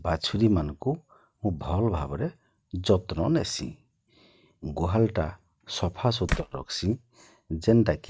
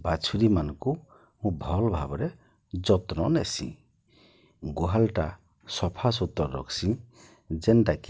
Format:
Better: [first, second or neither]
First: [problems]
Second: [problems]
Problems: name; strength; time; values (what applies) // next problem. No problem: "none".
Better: second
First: noise reduction (neural mask model RNNoise)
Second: none